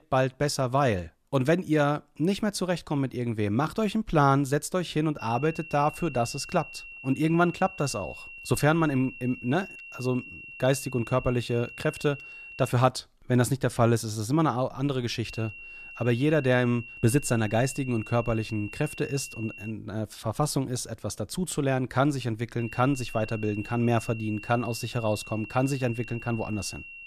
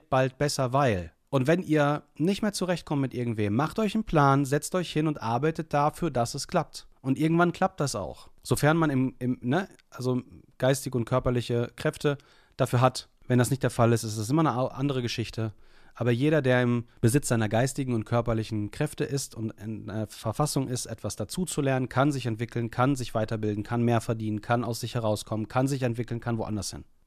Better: second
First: high-pitched whine; noticeable; from 5 to 13 s, from 15 to 20 s and from 23 s on; 2.5 kHz, 15 dB below the speech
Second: none

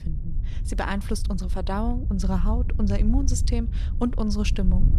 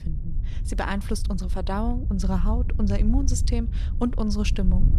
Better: neither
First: wind noise on the microphone; occasional gusts; 15 dB below the speech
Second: wind noise on the microphone; occasional gusts; 15 dB below the speech

